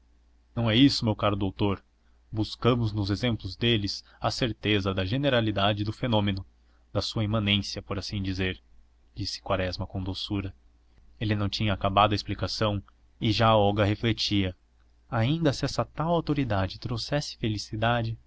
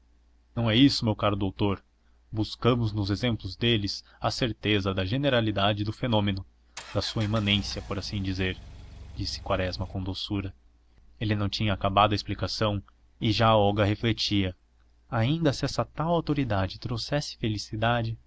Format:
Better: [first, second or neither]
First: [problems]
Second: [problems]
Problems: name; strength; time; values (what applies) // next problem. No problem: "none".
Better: first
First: none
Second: background sound (Engine); 15 dB below the speech